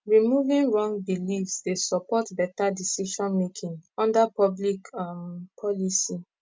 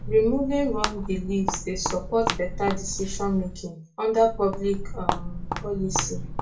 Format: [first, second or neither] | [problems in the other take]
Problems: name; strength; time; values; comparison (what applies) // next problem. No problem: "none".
first | background sound (Walk, footsteps); 5 dB below the speech // room echo; dies away in 0.3 s